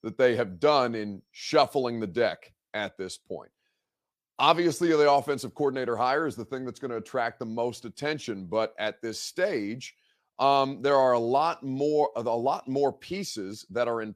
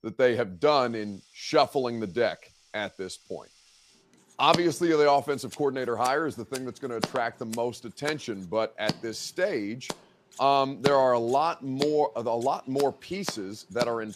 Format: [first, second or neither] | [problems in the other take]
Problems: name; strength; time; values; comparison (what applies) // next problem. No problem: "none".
first | household noises; noticeable; throughout; 10 dB below the speech